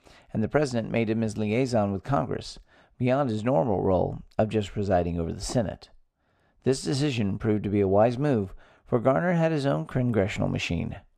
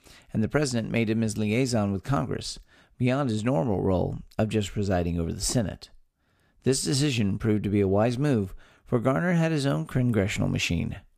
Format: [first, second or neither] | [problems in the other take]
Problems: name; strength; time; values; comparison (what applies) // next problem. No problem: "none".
second | muffled; slightly; fading above 2.5 kHz